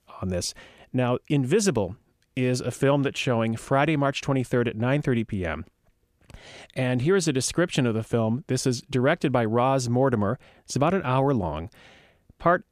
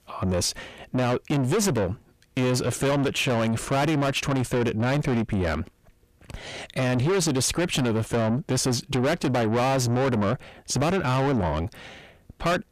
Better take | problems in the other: first | distortion; heavy; 6 dB below the speech

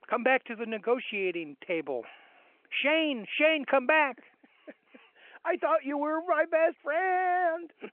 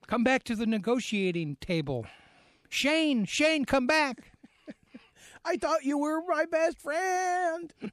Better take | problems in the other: second | phone-call audio; nothing above 3 kHz

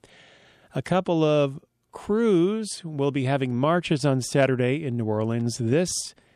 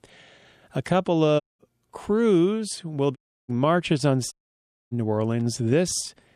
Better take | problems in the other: first | audio cutting out; at 1.5 s, at 3 s and at 4.5 s for 0.5 s

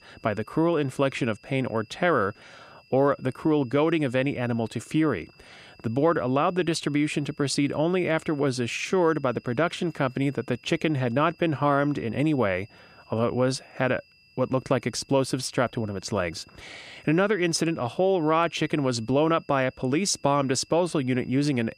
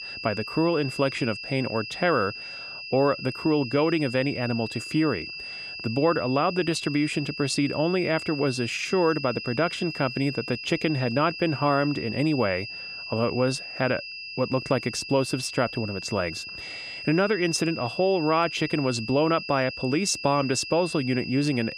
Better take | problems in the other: first | high-pitched whine; loud; throughout; 2.5 kHz, 9 dB below the speech; faint in the first

